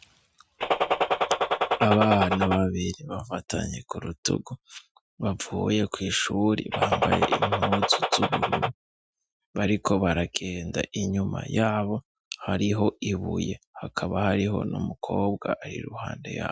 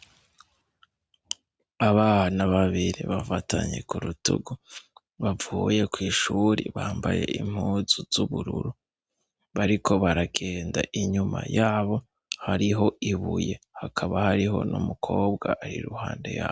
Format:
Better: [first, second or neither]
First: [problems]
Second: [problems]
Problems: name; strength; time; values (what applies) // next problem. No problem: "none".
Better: second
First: noise reduction (classical method Wiener filter)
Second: none